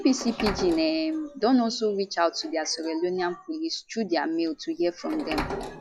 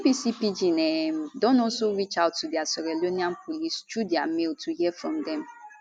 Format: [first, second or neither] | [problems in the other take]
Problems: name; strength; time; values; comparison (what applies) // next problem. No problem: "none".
second | noise reduction (classical method log-MMSE)